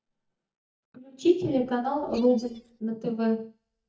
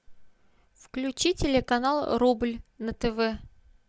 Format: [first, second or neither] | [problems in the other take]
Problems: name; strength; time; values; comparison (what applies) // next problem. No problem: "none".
second | noise reduction (neural mask model DeepFilterNet 3)